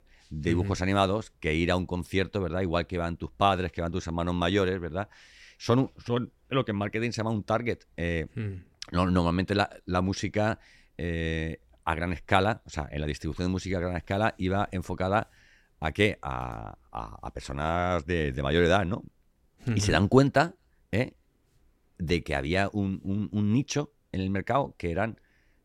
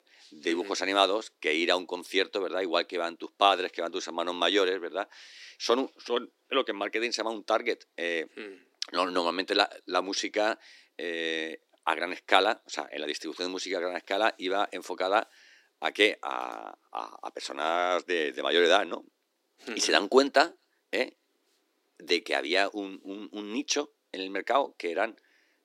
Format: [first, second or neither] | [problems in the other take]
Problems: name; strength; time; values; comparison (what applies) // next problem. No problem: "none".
first | thin; somewhat; fading below 300 Hz